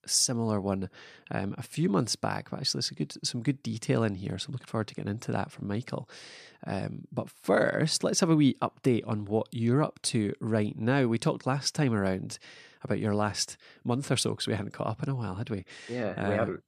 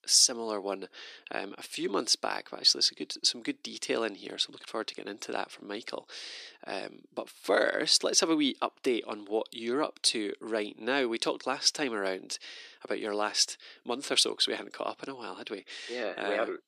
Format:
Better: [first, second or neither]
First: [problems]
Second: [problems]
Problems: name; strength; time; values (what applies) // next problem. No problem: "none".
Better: first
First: none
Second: thin; somewhat; fading below 300 Hz